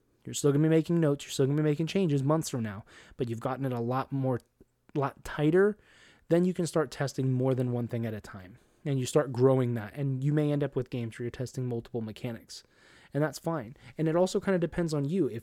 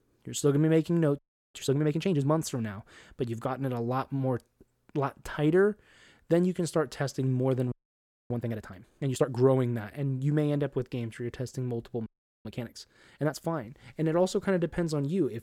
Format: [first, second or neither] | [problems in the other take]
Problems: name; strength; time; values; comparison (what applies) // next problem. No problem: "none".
first | audio freezing; at 1 s, at 7.5 s for 0.5 s and at 12 s